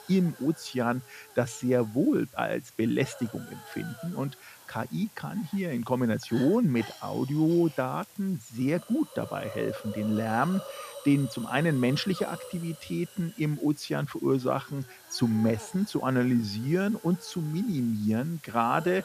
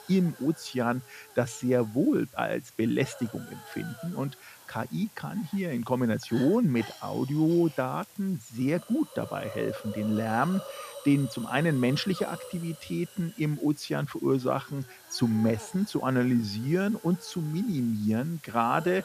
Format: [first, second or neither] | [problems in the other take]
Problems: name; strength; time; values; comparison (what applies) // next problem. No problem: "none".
neither | hiss; noticeable; throughout; 15 dB below the speech; the same in both